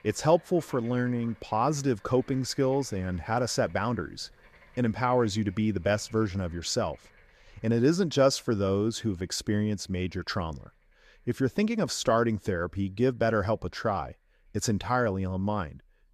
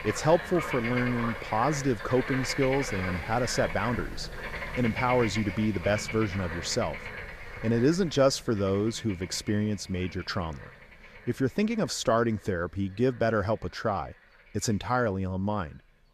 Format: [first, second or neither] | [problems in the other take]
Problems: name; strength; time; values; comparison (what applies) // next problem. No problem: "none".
first | animal sounds; loud; throughout; 8 dB below the speech; faint in the first